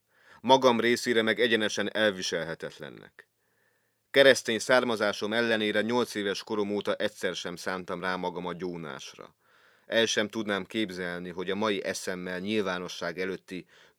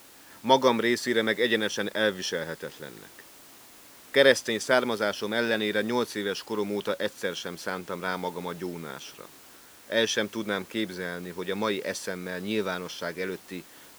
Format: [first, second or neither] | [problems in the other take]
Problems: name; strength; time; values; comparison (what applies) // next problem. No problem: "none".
first | hiss; faint; throughout; 20 dB below the speech